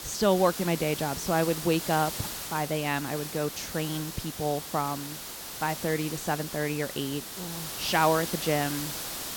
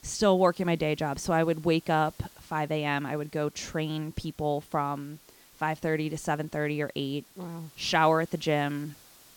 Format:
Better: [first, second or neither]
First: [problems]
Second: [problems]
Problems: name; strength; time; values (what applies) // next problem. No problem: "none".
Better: second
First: hiss; loud; throughout; 6 dB below the speech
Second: hiss; faint; throughout; 25 dB below the speech